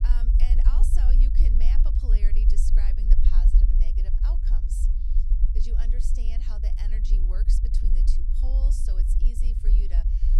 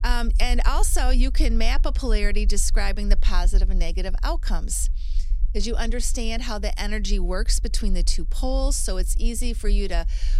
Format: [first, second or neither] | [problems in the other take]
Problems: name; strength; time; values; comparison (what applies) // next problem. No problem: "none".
second | low rumble; loud; throughout; 1 dB below the speech; faint in the second